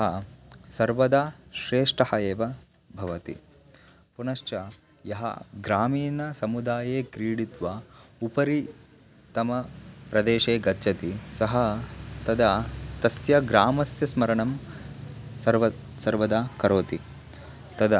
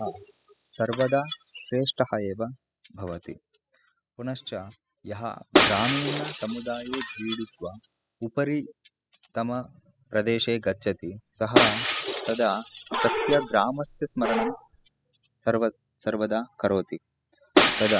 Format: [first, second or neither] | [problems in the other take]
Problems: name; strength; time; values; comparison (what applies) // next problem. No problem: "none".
first | noise reduction (classical method spectral subtraction)